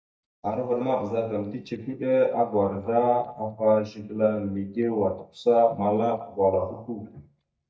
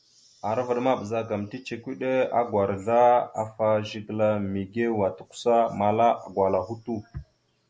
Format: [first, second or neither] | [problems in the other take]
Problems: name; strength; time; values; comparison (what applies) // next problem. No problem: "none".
second | noise reduction (neural mask model DeepFilterNet 3)